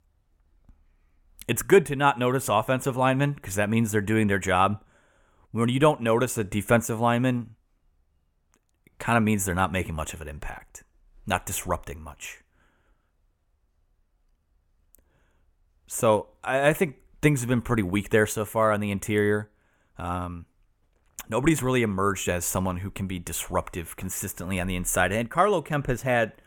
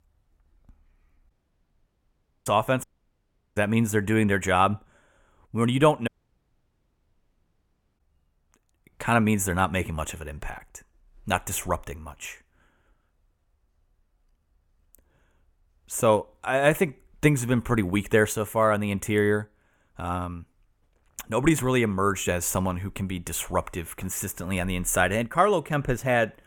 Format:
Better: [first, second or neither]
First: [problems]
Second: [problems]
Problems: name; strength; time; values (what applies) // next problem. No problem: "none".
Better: first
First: none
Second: audio cutting out; at 1.5 s for 1 s, at 3 s for 0.5 s and at 6 s for 2 s